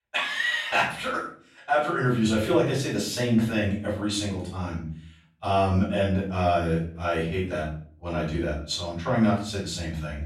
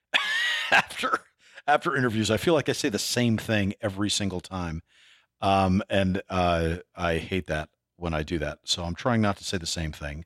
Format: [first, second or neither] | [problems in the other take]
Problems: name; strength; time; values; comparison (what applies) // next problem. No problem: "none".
second | off-mic speech; far // room echo; noticeable; dies away in 0.5 s